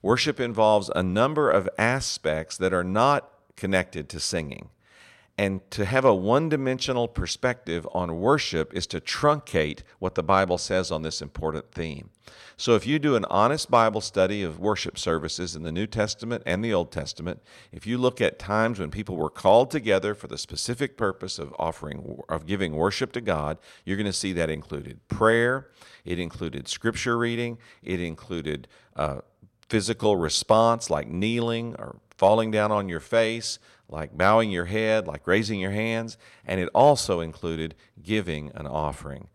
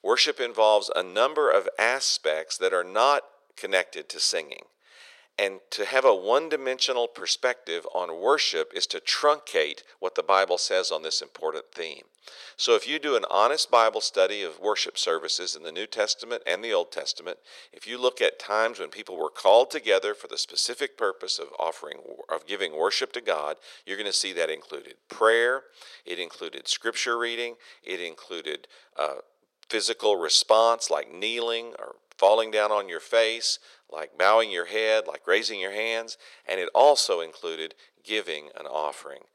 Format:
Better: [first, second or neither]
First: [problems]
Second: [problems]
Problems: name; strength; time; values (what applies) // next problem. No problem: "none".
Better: first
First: none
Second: thin; very; fading below 450 Hz